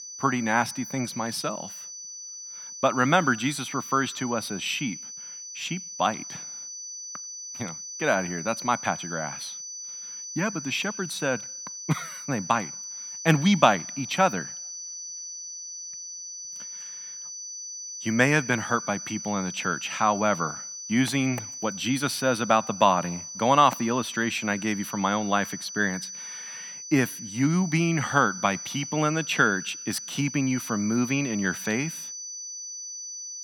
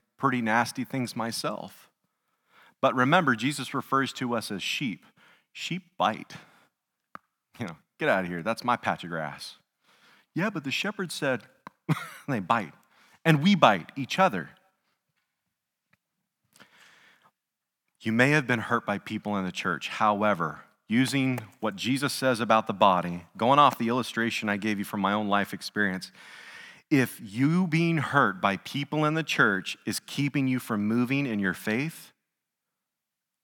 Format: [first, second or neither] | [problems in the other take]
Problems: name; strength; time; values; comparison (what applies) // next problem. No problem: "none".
second | high-pitched whine; loud; throughout; 6 kHz, 9 dB below the speech